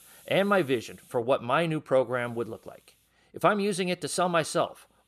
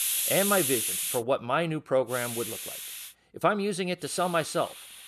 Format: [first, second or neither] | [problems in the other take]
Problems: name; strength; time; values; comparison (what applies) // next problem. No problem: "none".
first | hiss; loud; until 1 s, at 2 s and from 4 s on; as loud as the speech; faint in the first